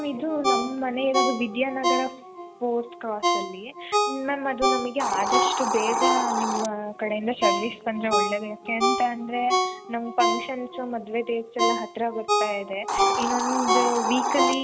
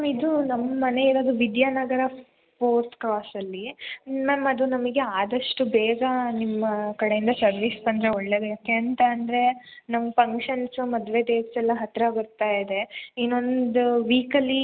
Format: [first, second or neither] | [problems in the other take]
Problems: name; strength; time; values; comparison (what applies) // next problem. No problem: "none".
second | background sound (Ringtone + Hiss); 2 dB above the speech